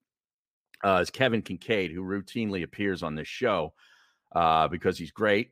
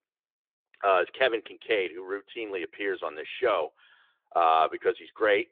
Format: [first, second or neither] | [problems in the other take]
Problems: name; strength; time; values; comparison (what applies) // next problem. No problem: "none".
first | phone-call audio